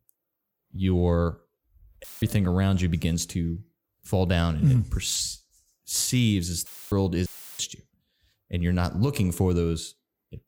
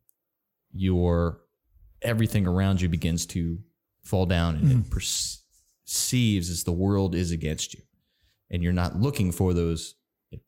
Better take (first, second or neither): second